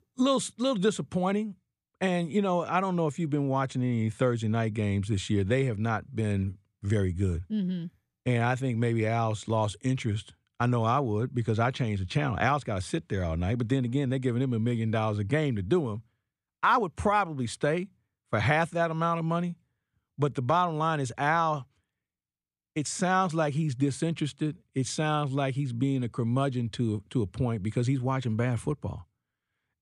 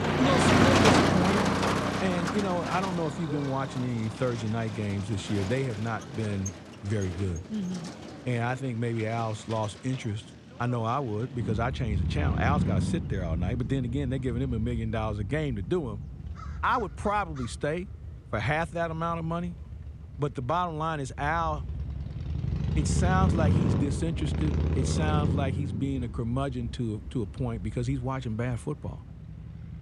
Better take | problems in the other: first | traffic noise; very loud; throughout; 1 dB above the speech

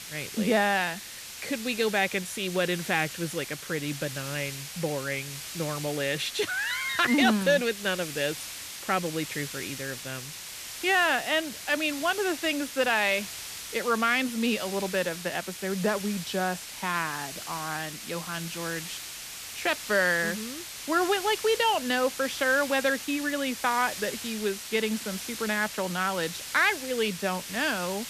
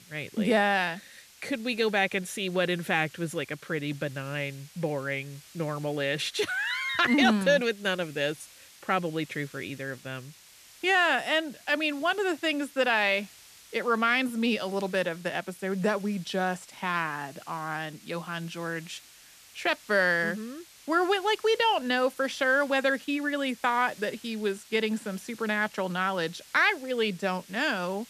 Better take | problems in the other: second | hiss; loud; throughout; 9 dB below the speech; faint in the second

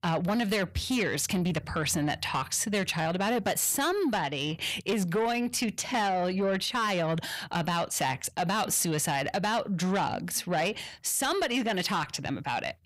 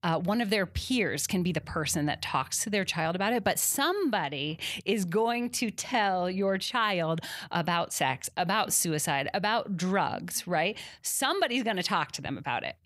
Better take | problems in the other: second | distortion; slight; 10 dB below the speech

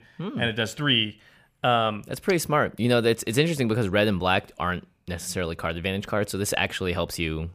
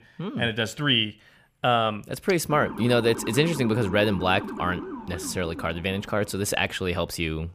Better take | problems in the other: first | siren; noticeable; from 2.5 to 6.5 s; peak 9 dB below the speech

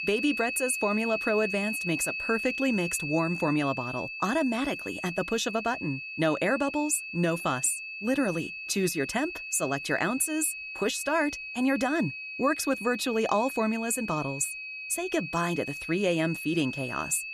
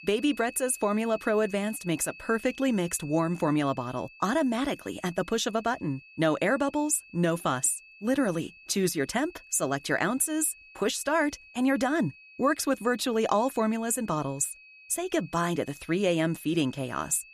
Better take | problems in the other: second | high-pitched whine; loud; throughout; 2.5 kHz, 6 dB below the speech; faint in the second

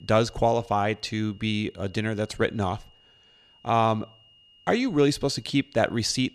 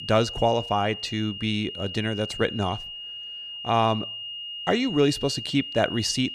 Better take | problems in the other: first | high-pitched whine; loud; throughout; 3 kHz, 8 dB below the speech; faint in the first

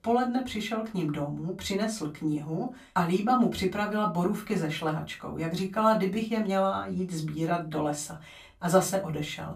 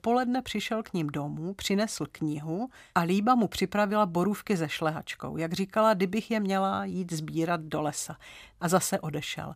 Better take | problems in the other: second | off-mic speech; far // room echo; very slight; dies away in 0.2 s

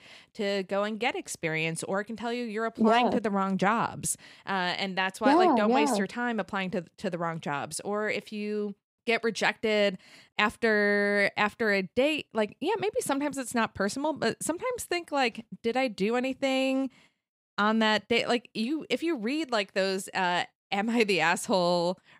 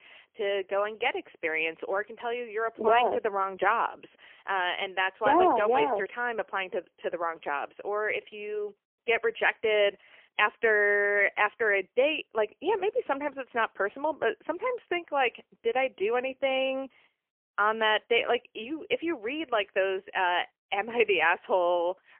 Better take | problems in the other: first | phone-call audio; poor line; nothing above 3 kHz

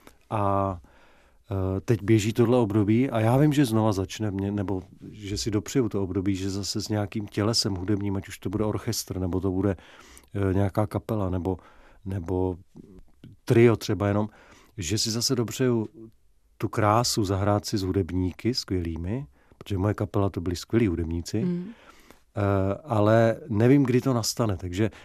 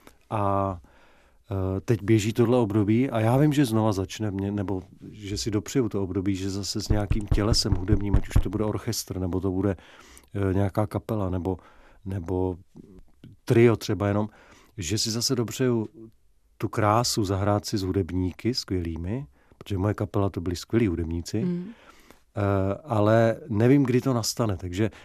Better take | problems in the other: first | door banging; noticeable; from 7 to 8.5 s; peak level with the speech

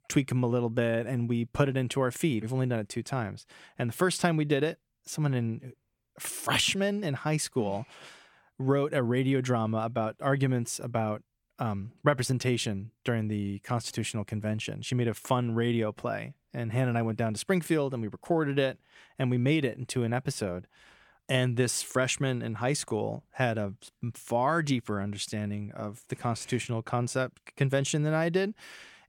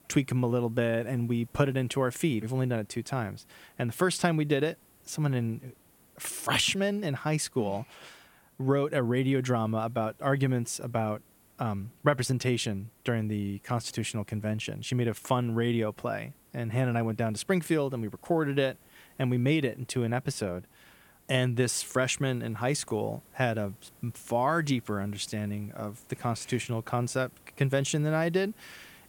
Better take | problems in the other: first | hiss; faint; throughout; 30 dB below the speech

